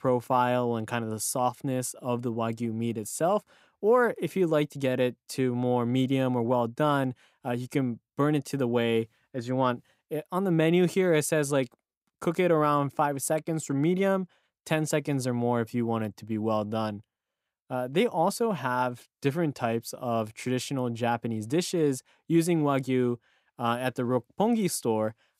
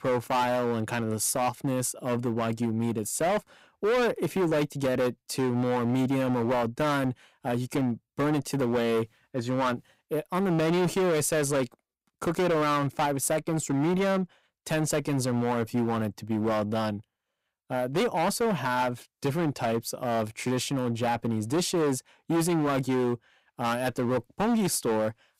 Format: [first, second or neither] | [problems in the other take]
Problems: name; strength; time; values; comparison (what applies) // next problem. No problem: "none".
first | distortion; heavy; 17% of the sound clipped